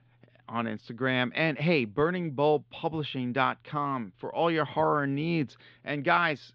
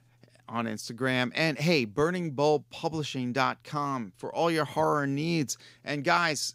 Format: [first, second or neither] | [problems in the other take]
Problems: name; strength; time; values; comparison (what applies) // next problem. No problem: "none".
second | muffled; slightly; fading above 3.5 kHz